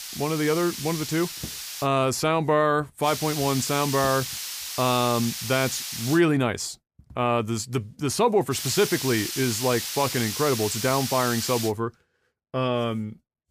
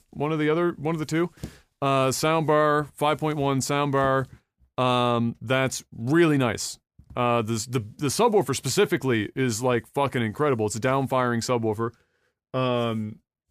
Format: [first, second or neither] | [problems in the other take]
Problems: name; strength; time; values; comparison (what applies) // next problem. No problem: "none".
second | hiss; loud; until 2 s, from 3 to 6 s and from 8.5 to 12 s; 6 dB below the speech